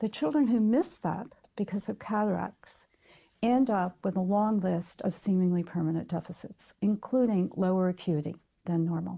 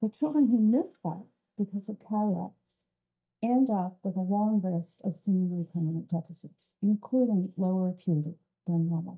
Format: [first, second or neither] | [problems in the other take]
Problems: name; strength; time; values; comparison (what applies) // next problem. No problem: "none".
first | noise reduction (neural mask model DeepFilterNet 3)